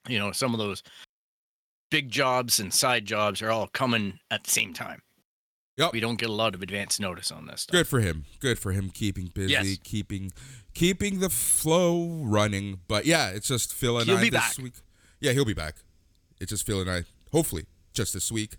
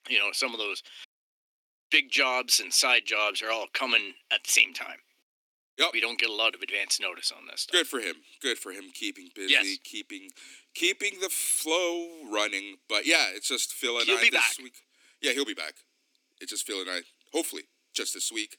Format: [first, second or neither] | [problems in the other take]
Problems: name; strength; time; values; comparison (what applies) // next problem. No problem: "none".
first | thin; somewhat; fading below 250 Hz